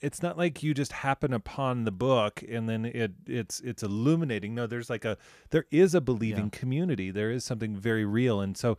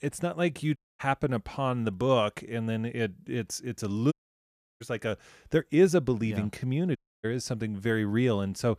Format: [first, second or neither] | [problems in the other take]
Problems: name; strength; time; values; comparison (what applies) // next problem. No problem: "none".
first | audio cutting out; at 1 s, at 4 s for 0.5 s and at 7 s